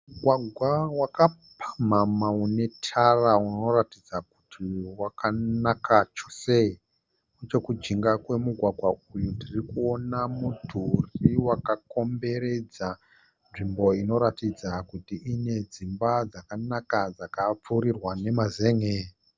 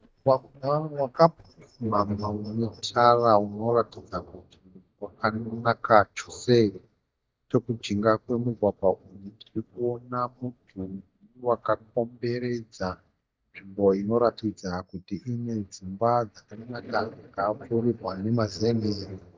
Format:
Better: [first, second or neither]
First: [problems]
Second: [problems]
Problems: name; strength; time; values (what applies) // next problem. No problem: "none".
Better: first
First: none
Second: noise reduction (neural mask model DeepFilterNet 3)